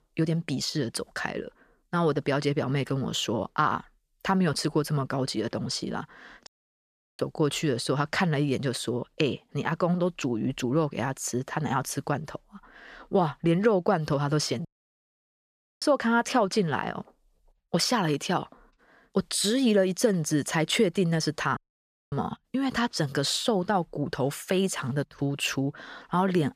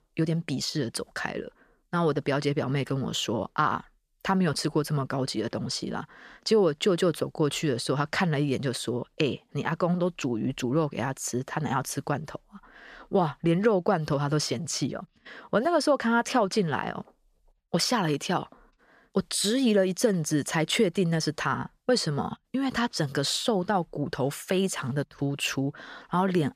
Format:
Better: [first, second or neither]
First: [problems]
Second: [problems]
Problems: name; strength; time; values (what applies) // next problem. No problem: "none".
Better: second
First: audio cutting out; at 6.5 s for 0.5 s, at 15 s for 1 s and at 22 s for 0.5 s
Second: none